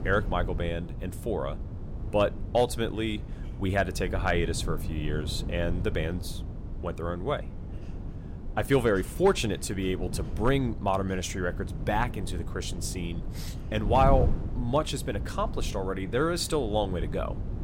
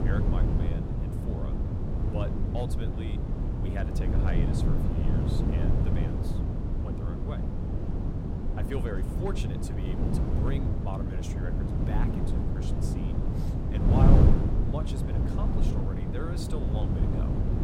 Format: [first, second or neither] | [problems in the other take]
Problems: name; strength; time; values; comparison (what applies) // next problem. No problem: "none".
first | wind noise on the microphone; heavy; 3 dB above the speech; occasional gusts in the first